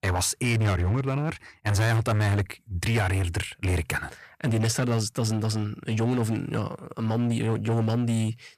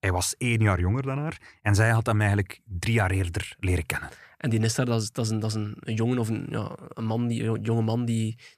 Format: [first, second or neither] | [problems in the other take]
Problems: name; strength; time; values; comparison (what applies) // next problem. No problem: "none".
second | distortion; slight; 14% of the sound clipped